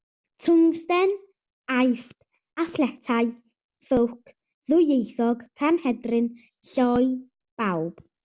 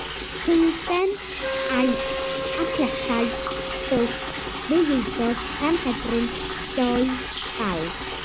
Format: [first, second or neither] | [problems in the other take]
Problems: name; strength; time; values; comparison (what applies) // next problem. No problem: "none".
first | background sound (Wind instrument, woodwind instrument + Liquid); 4 dB below the speech